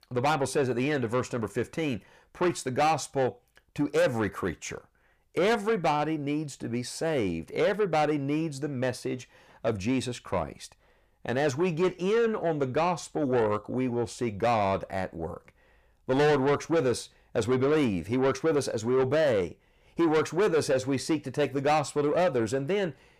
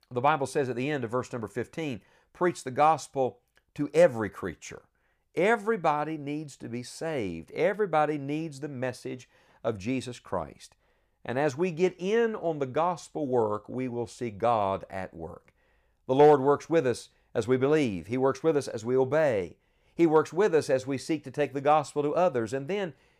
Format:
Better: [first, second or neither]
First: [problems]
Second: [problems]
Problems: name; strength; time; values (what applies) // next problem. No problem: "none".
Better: second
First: distortion; heavy; 7 dB below the speech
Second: none